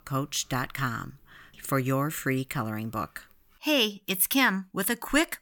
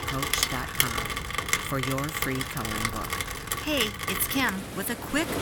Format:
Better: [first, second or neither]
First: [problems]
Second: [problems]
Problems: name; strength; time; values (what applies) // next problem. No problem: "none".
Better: first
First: none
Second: rain or running water; very loud; throughout; 1 dB above the speech